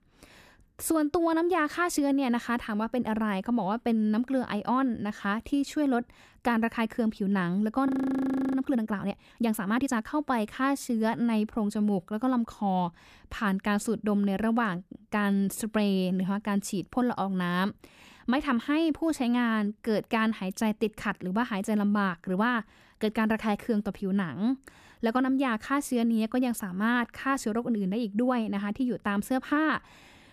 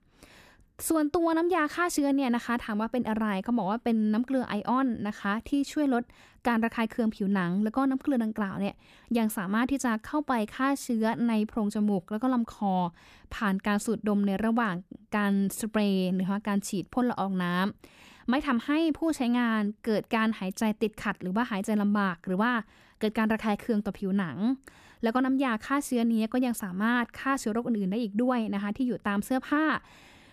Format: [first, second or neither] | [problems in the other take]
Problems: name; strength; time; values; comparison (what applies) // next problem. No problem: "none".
second | audio freezing; at 8 s for 0.5 s